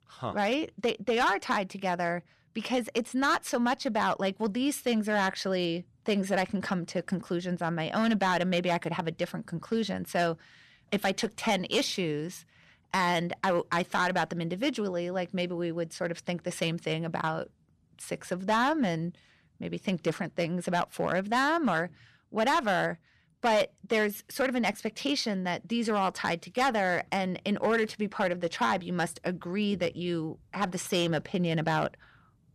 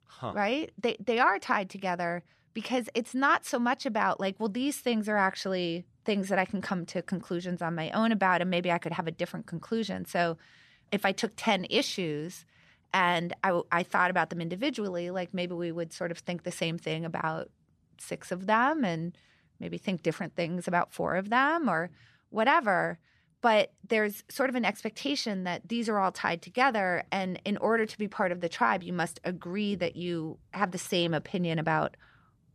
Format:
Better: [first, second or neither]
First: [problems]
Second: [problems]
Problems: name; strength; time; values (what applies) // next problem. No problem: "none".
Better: second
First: distortion; slight; 4% of the sound clipped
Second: none